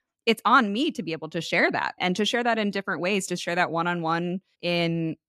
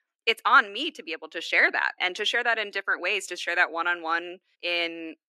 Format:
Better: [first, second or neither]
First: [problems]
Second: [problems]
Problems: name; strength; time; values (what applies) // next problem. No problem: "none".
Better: first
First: none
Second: thin; very; fading below 300 Hz